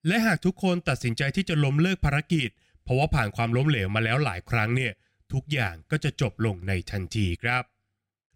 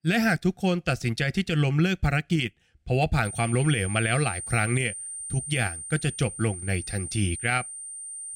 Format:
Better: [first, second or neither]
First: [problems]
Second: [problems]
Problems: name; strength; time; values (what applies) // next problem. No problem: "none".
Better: first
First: none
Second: high-pitched whine; loud; from 3.5 s on; 9 kHz, 8 dB below the speech